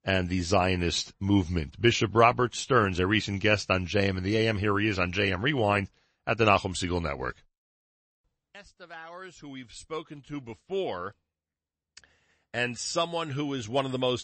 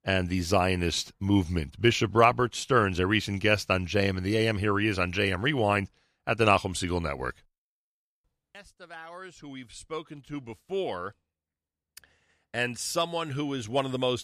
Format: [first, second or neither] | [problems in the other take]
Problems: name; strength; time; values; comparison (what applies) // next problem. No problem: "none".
second | garbled, watery; slightly; nothing above 8 kHz